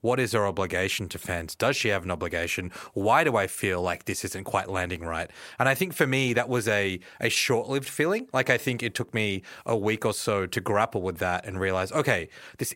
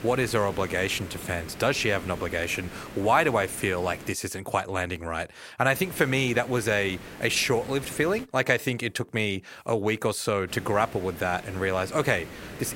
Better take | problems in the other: first | hiss; noticeable; until 4 s, from 5.5 to 8 s and from 10 s on; 15 dB below the speech

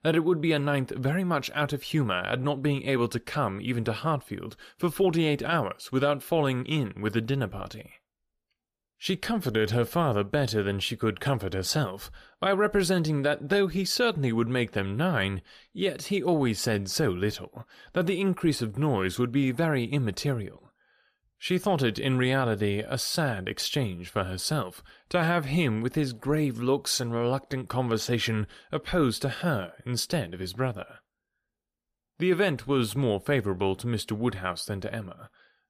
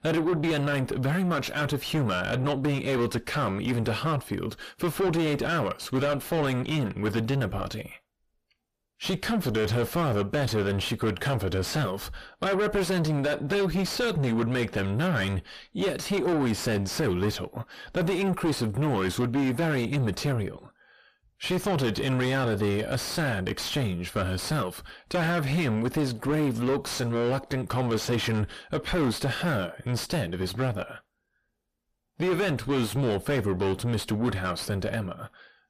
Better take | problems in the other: first | distortion; heavy; 5 dB below the speech

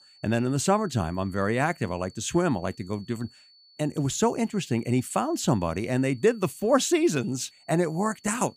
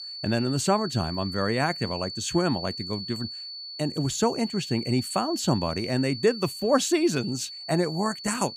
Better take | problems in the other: first | high-pitched whine; loud; throughout; 4.5 kHz, 8 dB below the speech; faint in the first

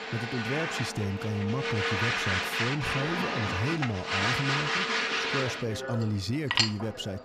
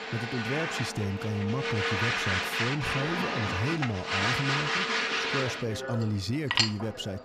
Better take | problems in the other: neither | household noises; very loud; throughout; 4 dB above the speech; the same in both

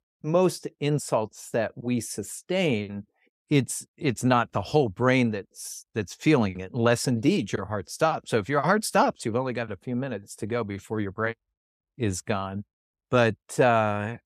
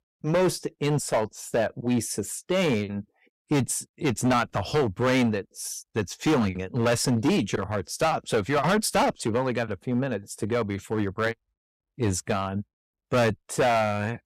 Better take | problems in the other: first | distortion; heavy; 8% of the sound clipped

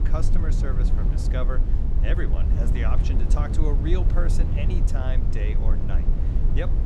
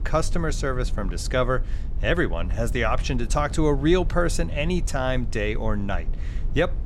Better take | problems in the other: second | low rumble; loud; throughout; 3 dB below the speech; faint in the second

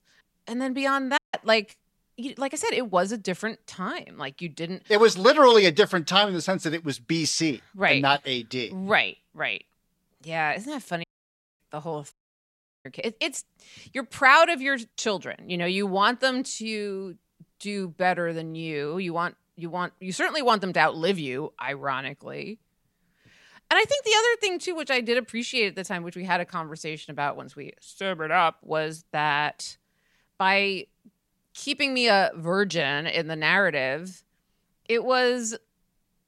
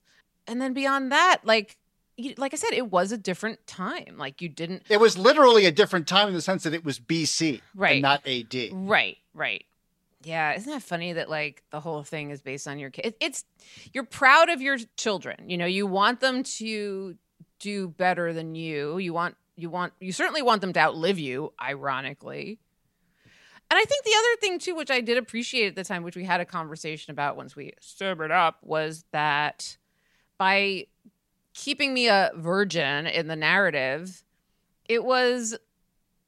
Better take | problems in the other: second | audio cutting out; at 1 s, at 11 s for 0.5 s and at 12 s for 0.5 s

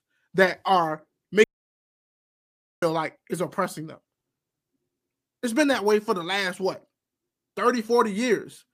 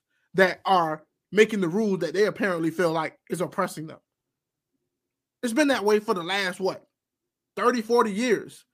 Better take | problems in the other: second | audio cutting out; at 1.5 s for 1.5 s

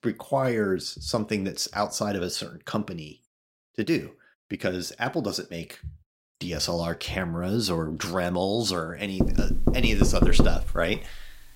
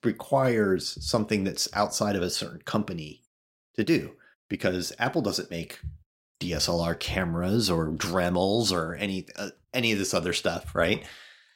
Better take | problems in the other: second | door banging; loud; from 9 to 11 s; peak 5 dB above the speech

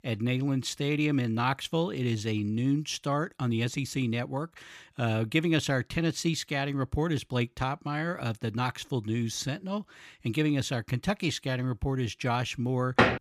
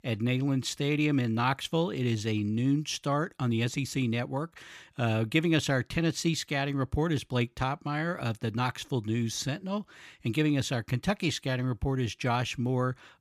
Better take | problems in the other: second | door banging; loud; at 13 s; peak 6 dB above the speech

